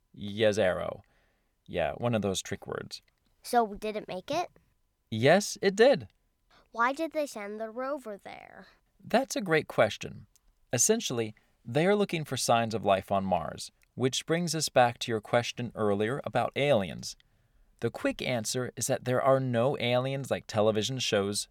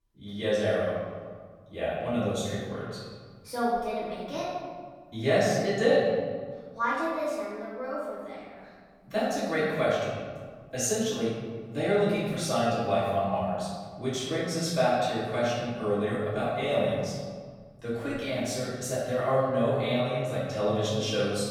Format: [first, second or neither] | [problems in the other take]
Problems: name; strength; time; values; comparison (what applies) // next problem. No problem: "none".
first | off-mic speech; far // room echo; strong; dies away in 1.6 s